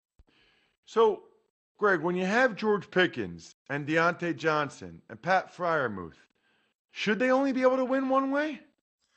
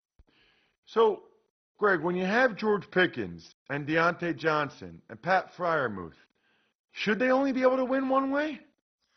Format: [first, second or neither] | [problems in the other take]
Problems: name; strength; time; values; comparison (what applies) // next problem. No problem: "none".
first | garbled, watery; badly; nothing above 6 kHz; slightly in the first